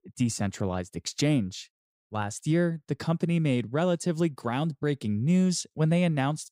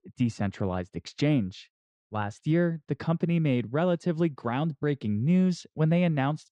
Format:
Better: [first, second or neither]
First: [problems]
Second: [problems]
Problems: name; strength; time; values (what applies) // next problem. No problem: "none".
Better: first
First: none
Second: muffled; slightly; fading above 3 kHz